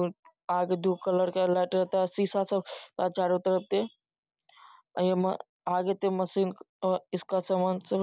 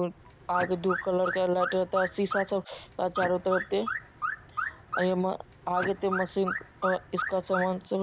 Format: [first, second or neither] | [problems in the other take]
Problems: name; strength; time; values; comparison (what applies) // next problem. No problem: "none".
first | background sound (Alarm / Car); 6 dB below the speech